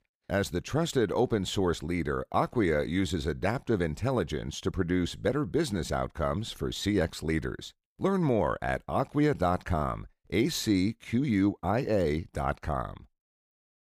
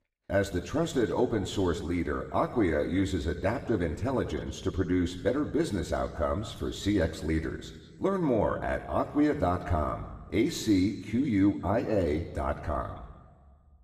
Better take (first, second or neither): first